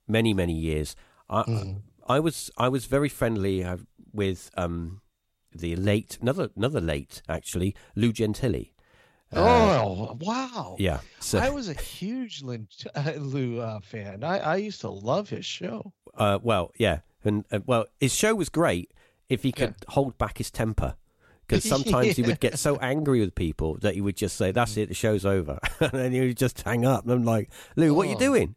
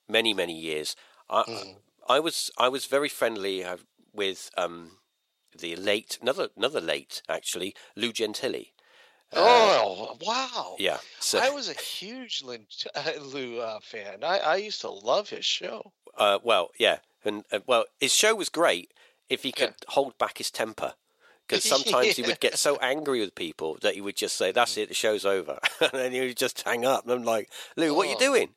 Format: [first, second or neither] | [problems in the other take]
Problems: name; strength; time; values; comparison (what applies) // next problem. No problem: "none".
first | thin; somewhat; fading below 500 Hz